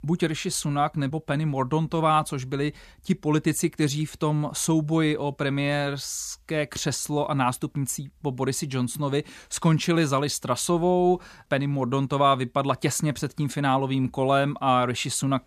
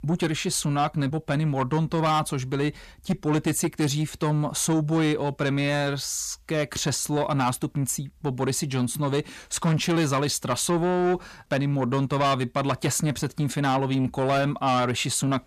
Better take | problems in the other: first | distortion; slight; 10 dB below the speech

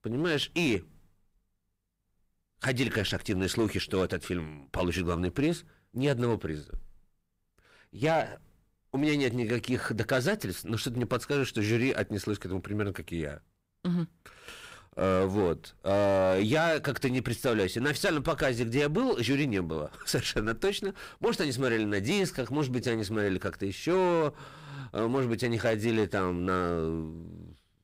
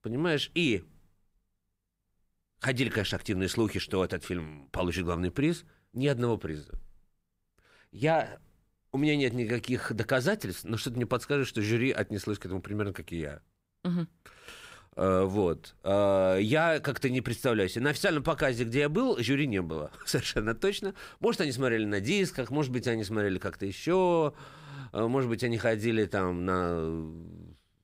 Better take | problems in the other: second | distortion; slight; 7% of the sound clipped

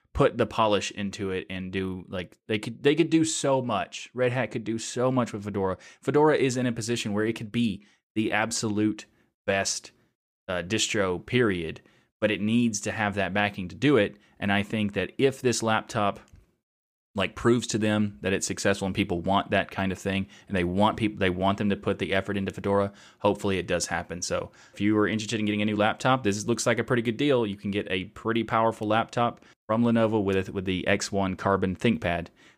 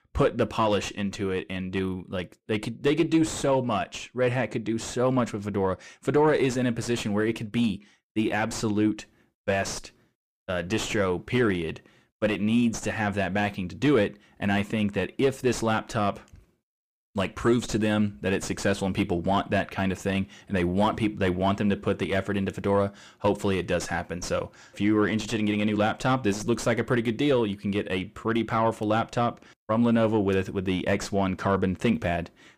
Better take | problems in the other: first | distortion; slight; 10 dB below the speech

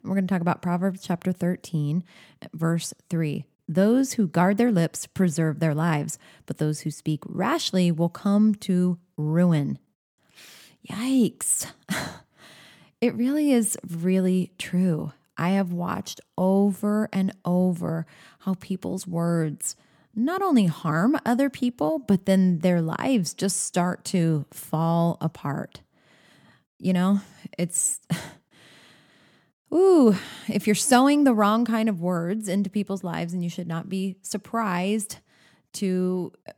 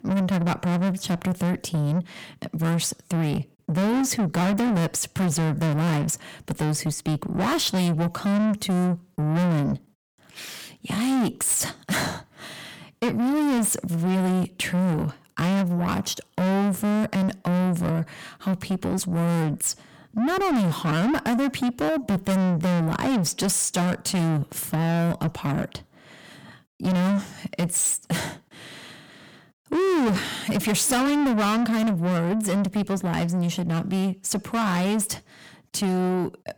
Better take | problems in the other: first | distortion; heavy; 6 dB below the speech

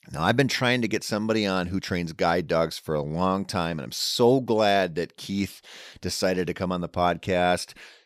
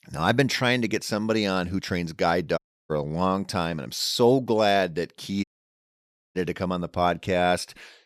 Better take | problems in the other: first | audio cutting out; at 2.5 s and at 5.5 s for 1 s

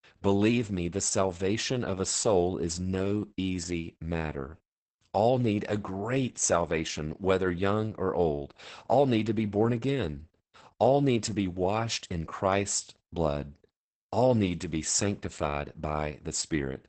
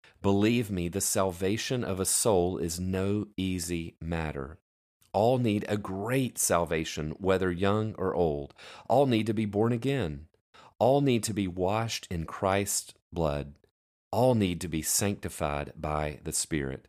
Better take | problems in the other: second | garbled, watery; badly; nothing above 8 kHz

